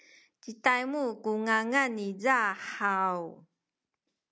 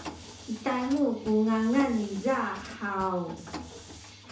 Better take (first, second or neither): first